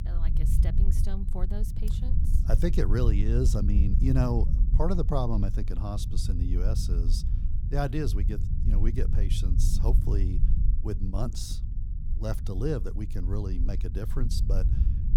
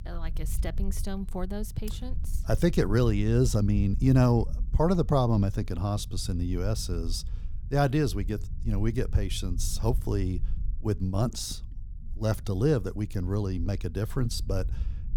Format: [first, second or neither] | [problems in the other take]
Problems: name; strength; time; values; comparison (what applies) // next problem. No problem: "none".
second | low rumble; loud; throughout; 9 dB below the speech; faint in the second